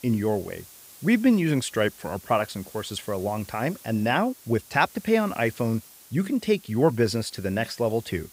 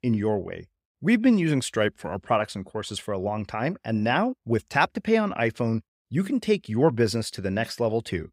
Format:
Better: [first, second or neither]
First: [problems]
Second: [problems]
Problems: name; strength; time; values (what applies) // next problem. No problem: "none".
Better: second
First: hiss; faint; throughout; 20 dB below the speech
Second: none